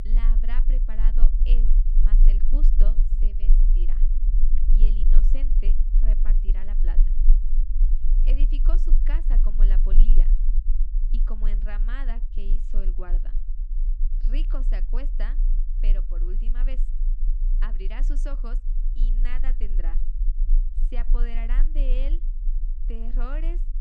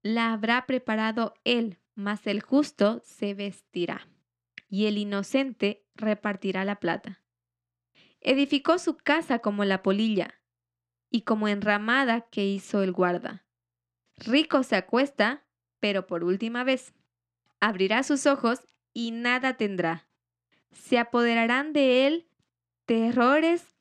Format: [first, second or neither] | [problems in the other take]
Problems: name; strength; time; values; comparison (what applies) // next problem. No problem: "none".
second | low rumble; loud; throughout; 8 dB below the speech